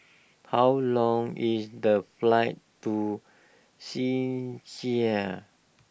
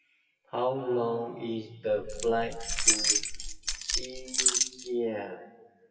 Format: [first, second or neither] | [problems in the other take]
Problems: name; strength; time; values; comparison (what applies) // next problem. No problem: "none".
first | noise reduction (classical method WPE with log-MMSE)